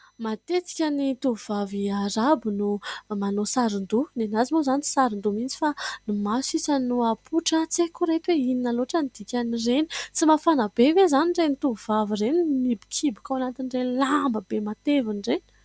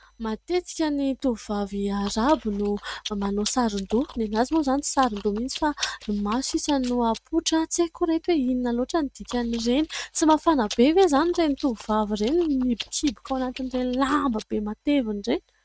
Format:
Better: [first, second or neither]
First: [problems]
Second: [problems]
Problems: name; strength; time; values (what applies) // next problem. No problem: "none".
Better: first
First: none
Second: noise reduction (neural mask model RNNoise)